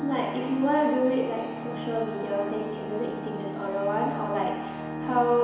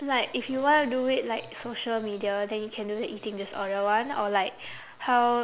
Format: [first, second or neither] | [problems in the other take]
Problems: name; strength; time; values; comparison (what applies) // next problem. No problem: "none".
second | background sound (Organ); 7 dB below the speech // room echo; dies away in 1 s